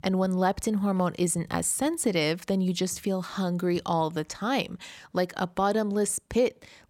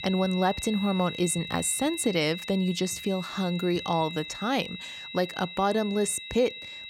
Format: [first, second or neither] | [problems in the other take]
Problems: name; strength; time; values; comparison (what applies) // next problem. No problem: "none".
first | high-pitched whine; loud; throughout; 4 kHz, 9 dB below the speech